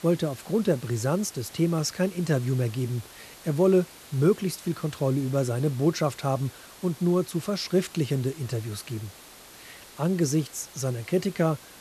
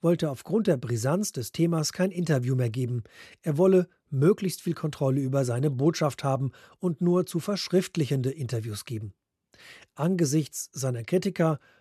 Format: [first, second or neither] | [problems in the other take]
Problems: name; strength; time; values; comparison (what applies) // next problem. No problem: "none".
second | hiss; noticeable; throughout; 20 dB below the speech